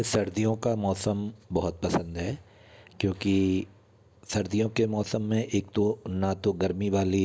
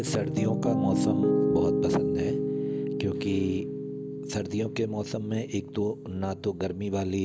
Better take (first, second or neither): first